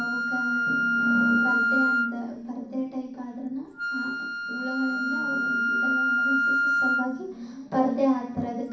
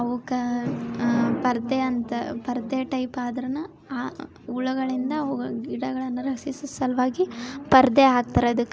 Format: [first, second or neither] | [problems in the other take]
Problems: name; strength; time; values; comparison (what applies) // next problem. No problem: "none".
second | background sound (Wind instrument, woodwind instrument); 3 dB above the speech // room echo; dies away in 0.6 s